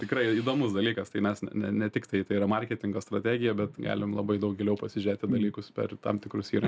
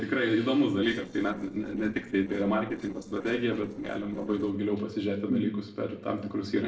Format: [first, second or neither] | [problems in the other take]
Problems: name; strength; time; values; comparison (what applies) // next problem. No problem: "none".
first | noise reduction (neural separator model SepFormer DNS4)